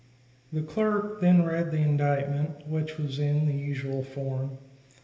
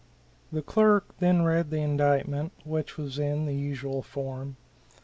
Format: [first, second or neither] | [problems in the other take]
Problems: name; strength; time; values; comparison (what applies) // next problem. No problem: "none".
second | room echo; dies away in 1.4 s